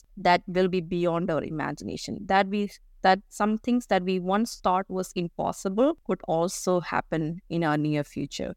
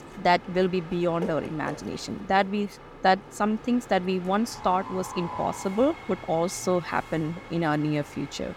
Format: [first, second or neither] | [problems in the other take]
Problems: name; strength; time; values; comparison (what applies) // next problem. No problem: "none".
first | train or aircraft noise; noticeable; throughout; 15 dB below the speech